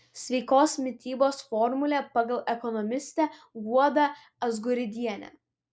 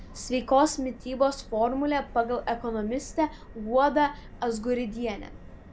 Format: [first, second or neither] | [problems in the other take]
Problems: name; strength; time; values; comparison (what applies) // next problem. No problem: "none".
first | background sound (Subway, metro, underground); 16 dB below the speech